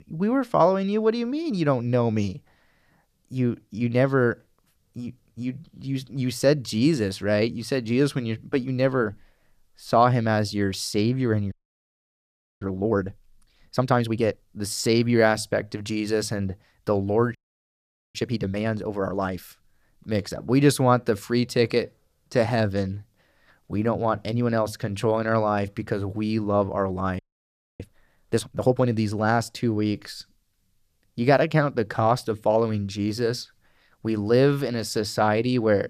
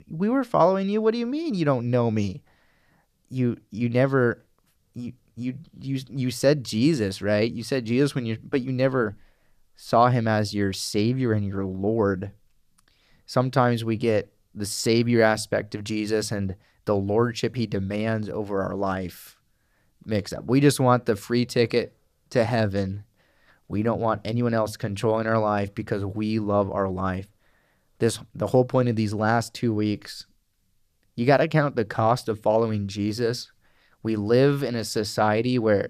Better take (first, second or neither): second